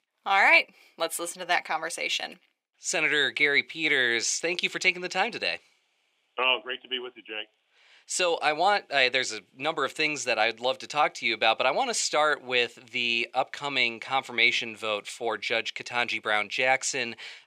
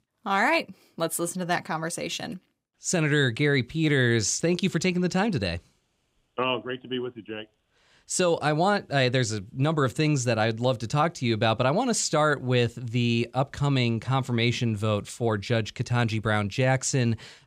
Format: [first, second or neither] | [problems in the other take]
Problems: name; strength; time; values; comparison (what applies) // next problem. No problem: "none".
second | thin; very; fading below 500 Hz